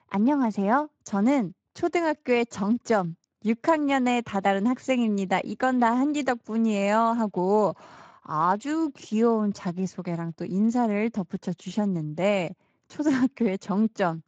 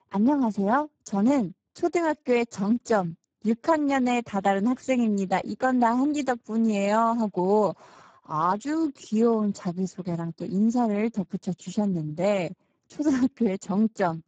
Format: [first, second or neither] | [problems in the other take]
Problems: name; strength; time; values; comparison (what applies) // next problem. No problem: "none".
first | garbled, watery; badly; nothing above 7.5 kHz; slightly in the first